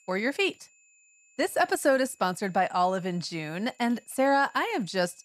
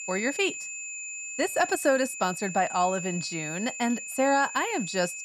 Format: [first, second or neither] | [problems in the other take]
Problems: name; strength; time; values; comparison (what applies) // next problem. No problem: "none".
first | high-pitched whine; loud; throughout; 2.5 kHz, 7 dB below the speech; faint in the first